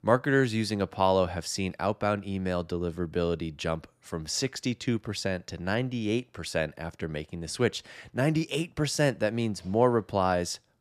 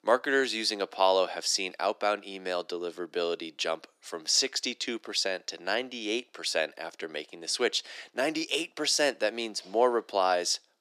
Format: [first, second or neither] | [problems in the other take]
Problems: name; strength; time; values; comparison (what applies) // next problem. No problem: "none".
first | thin; somewhat; fading below 300 Hz